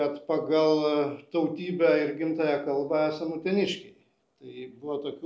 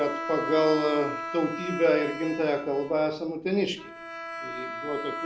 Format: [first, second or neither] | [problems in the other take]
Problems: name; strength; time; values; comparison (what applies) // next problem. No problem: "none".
first | background sound (Bowed string instrument); 8 dB below the speech